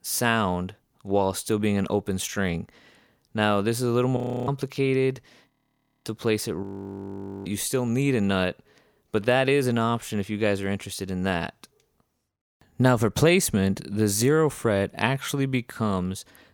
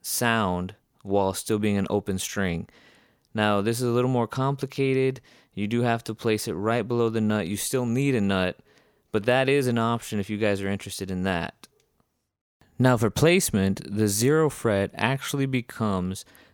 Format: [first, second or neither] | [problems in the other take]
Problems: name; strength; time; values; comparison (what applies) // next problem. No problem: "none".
second | audio freezing; at 4 s, at 5.5 s for 0.5 s and at 6.5 s for 1 s